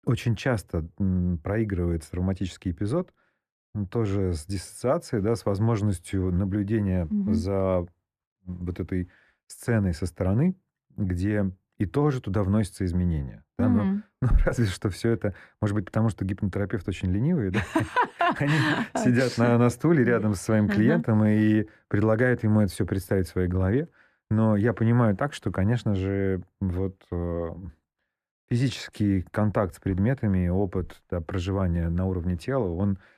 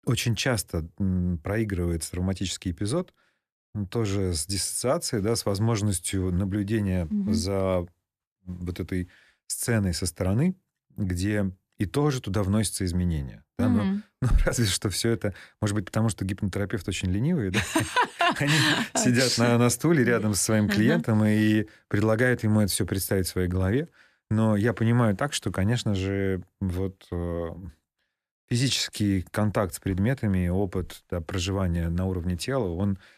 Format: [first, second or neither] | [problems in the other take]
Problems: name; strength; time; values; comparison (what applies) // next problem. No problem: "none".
second | muffled; slightly; fading above 2.5 kHz